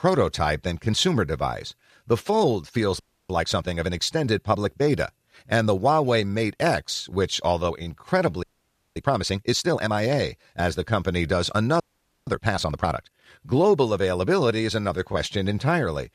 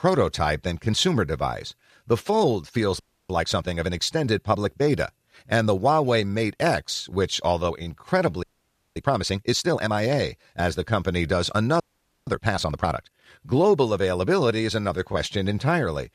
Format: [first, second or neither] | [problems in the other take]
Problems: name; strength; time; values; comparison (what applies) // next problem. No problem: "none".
neither | audio freezing; at 3 s, at 8.5 s for 0.5 s and at 12 s; the same in both